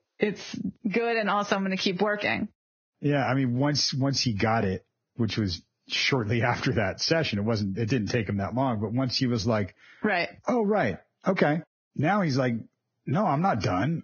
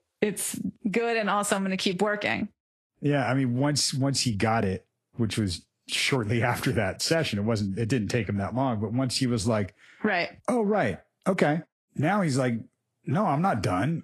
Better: second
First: garbled, watery; badly; nothing above 6.5 kHz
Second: garbled, watery; slightly; nothing above 12.5 kHz

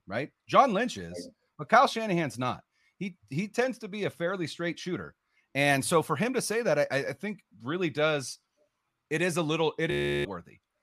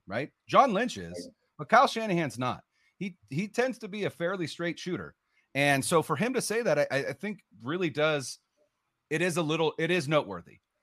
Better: second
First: audio freezing; at 10 s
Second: none

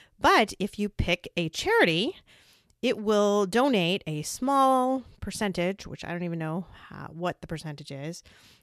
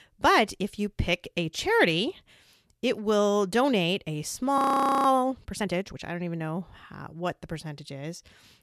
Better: first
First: none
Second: audio freezing; at 4.5 s

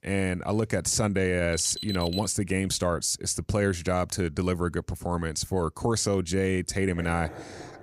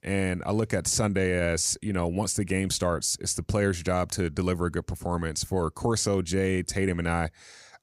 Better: second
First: alarm; noticeable; at 1.5 s; peak 7 dB below the speech // dog barking; faint; at 7 s; peak 15 dB below the speech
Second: none

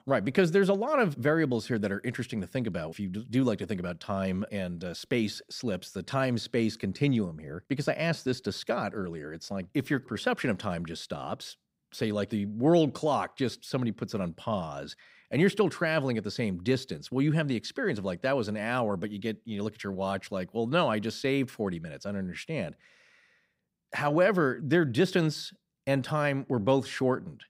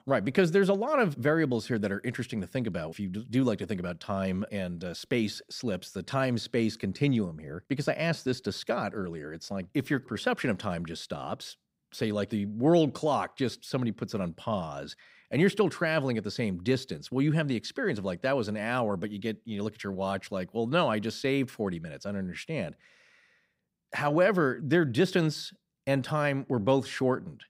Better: neither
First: none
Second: none

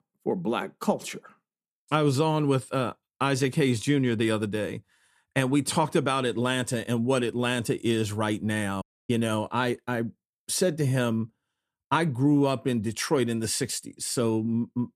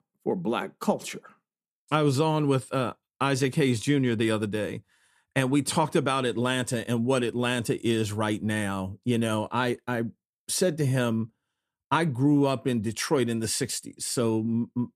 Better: second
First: audio cutting out; at 9 s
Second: none

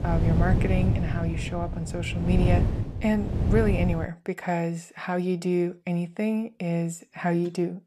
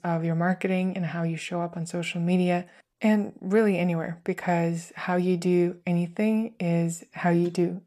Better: second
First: wind noise on the microphone; heavy; until 4 s; 6 dB below the speech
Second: none

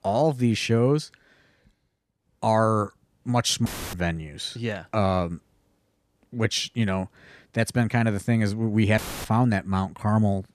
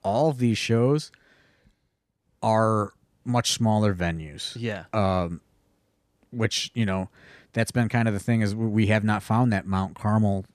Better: second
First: audio cutting out; filled with static; at 3.5 s and at 9 s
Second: none

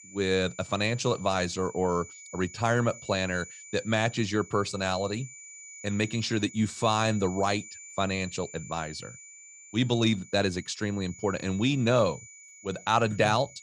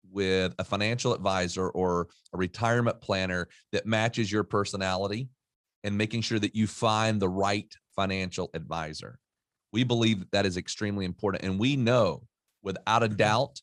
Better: second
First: high-pitched whine; noticeable; throughout; 7 kHz, 15 dB below the speech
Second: none

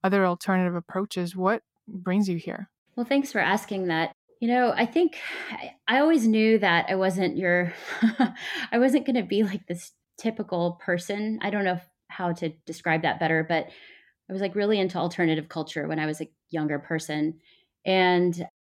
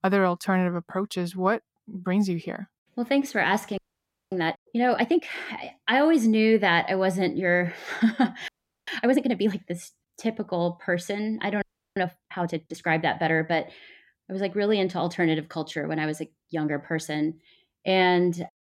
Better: first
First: none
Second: audio freezing; at 4 s for 0.5 s, at 8.5 s and at 12 s

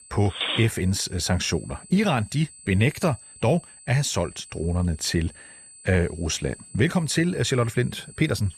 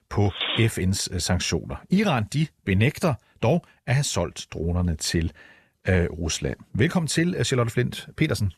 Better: second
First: high-pitched whine; noticeable; throughout; 8 kHz, 20 dB below the speech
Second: none

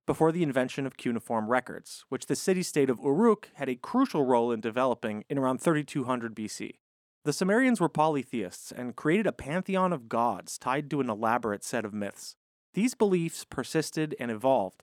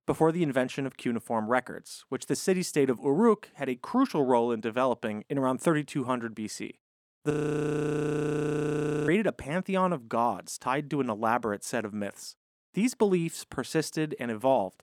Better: first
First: none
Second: audio freezing; at 7.5 s for 2 s

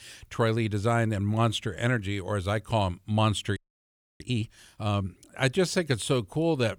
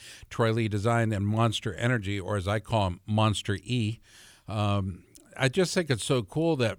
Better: second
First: audio freezing; at 3.5 s for 0.5 s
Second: none

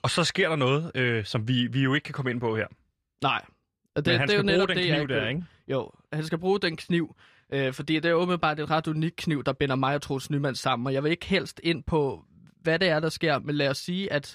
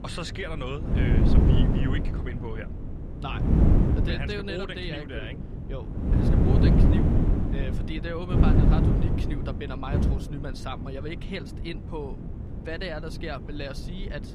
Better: first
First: none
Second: wind noise on the microphone; heavy; 3 dB above the speech

